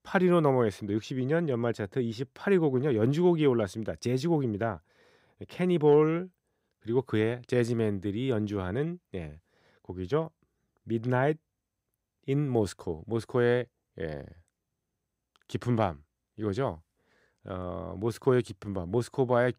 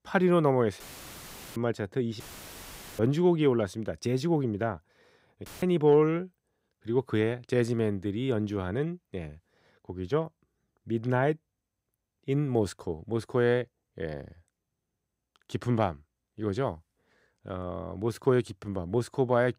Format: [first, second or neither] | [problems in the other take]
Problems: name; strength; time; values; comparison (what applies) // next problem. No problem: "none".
first | audio cutting out; filled with static; at 1 s for 1 s, at 2 s for 1 s and at 5.5 s